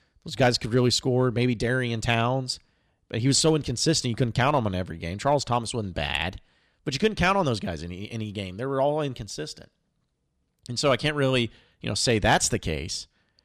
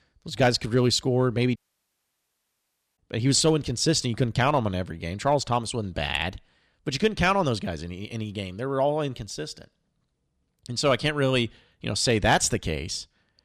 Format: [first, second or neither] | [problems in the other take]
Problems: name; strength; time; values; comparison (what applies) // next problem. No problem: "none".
first | audio cutting out; at 1.5 s for 1.5 s